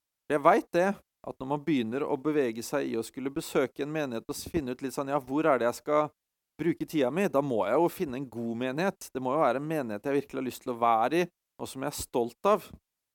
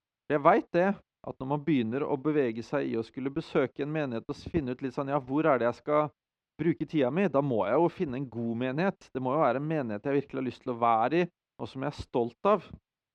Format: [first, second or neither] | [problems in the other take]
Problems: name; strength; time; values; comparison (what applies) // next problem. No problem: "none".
first | muffled; slightly; fading above 4 kHz